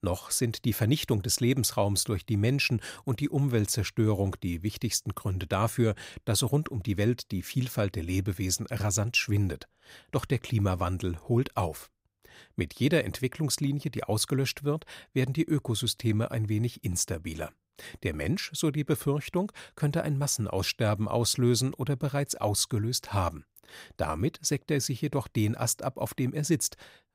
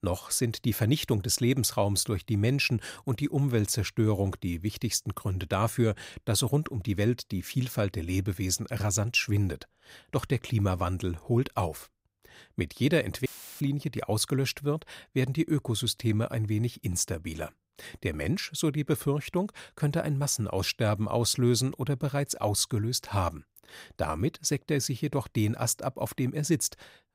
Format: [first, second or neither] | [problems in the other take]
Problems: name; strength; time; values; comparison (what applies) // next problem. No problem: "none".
first | audio cutting out; filled with static; at 13 s